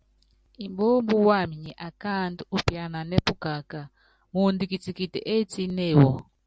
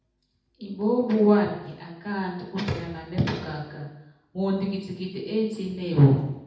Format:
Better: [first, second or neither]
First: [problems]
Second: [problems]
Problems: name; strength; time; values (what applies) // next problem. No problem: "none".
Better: first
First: none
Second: room echo; dies away in 0.8 s